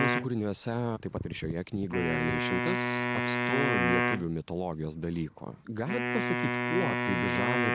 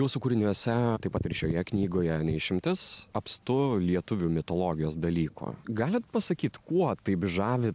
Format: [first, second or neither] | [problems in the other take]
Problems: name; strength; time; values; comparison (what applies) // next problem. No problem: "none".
second | background sound (Wind instrument, woodwind instrument); 2 dB above the speech